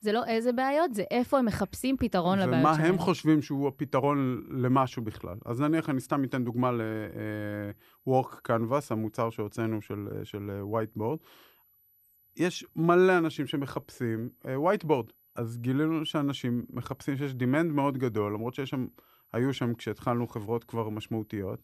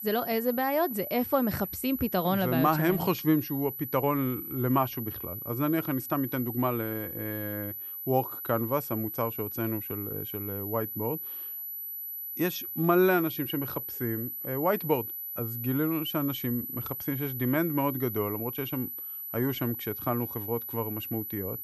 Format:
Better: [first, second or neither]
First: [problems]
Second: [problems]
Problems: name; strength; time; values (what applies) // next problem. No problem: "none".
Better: first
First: high-pitched whine; faint; throughout; 12 kHz, 35 dB below the speech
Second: high-pitched whine; loud; throughout; 12 kHz, 5 dB below the speech